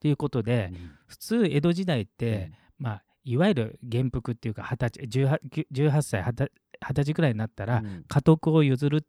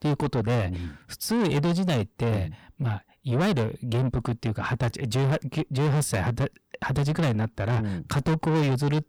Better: first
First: none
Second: distortion; heavy; 6 dB below the speech

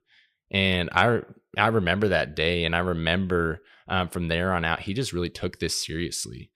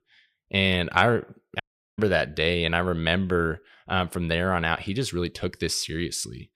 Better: first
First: none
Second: audio cutting out; at 1.5 s

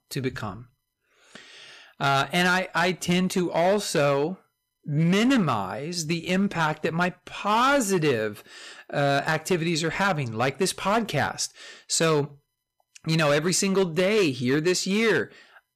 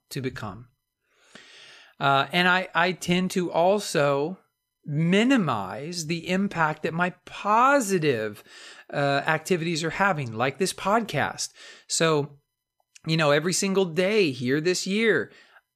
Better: second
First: distortion; slight; 7% of the sound clipped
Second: none

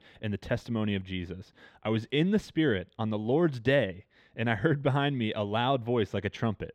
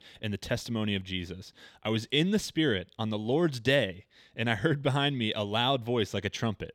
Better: second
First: muffled; slightly; fading above 3 kHz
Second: none

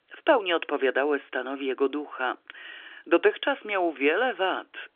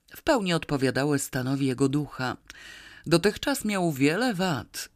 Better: second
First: phone-call audio; nothing above 3.5 kHz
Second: none

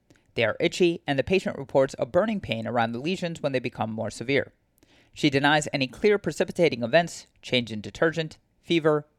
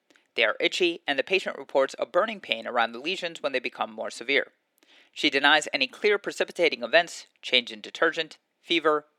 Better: first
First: none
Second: thin; somewhat; fading below 300 Hz

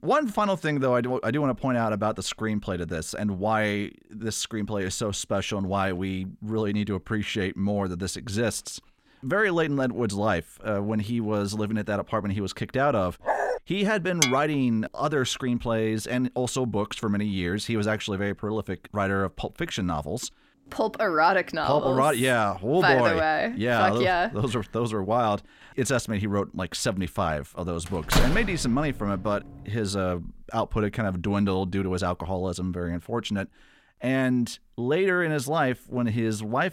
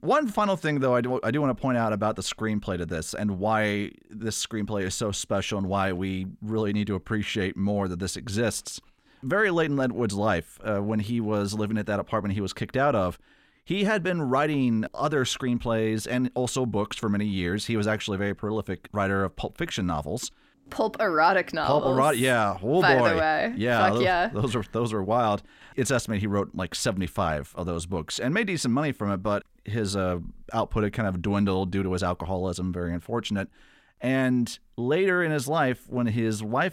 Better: second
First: dog barking; noticeable; at 13 s; peak level with the speech // clattering dishes; loud; at 14 s; peak 2 dB above the speech // door banging; loud; at 28 s; peak 1 dB above the speech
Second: none

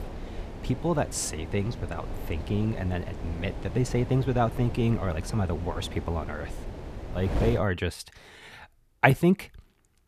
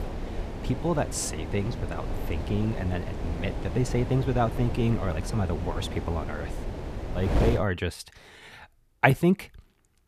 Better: first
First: wind noise on the microphone; occasional gusts; until 7.5 s; 10 dB below the speech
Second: wind noise on the microphone; heavy; until 7.5 s; 8 dB below the speech

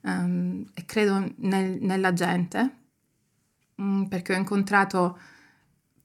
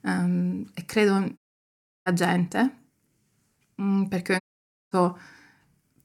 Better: first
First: none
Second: audio cutting out; at 1.5 s for 0.5 s and at 4.5 s for 0.5 s

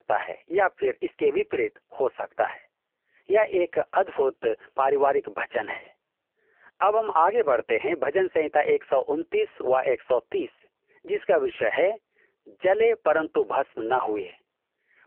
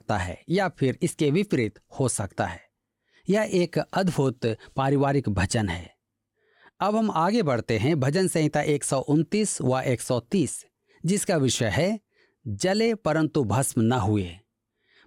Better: second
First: phone-call audio; poor line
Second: none

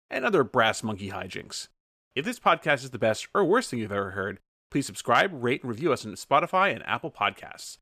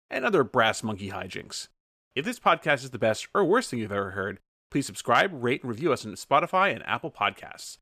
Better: neither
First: none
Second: none

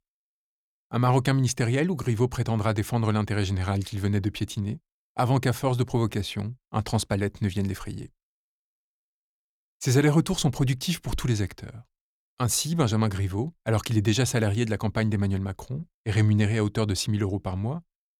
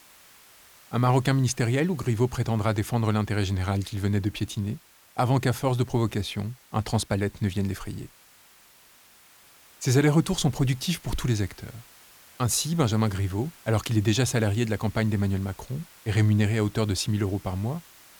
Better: first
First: none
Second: hiss; faint; throughout; 25 dB below the speech

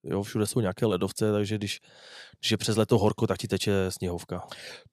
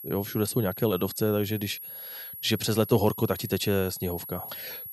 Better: first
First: none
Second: high-pitched whine; loud; throughout; 11.5 kHz, 10 dB below the speech

